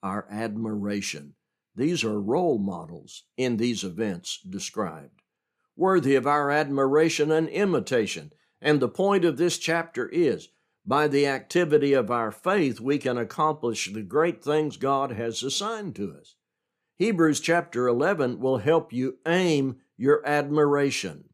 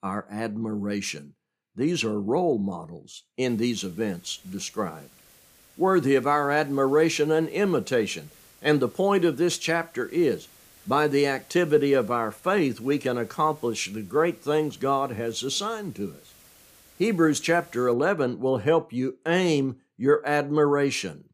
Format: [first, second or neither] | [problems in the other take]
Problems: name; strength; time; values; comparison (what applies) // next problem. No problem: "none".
first | hiss; faint; from 3.5 to 18 s; 25 dB below the speech